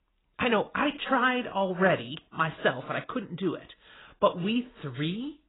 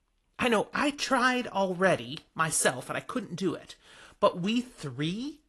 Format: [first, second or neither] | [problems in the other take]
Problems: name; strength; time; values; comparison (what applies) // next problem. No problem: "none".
second | garbled, watery; badly; nothing above 3.5 kHz; slightly in the second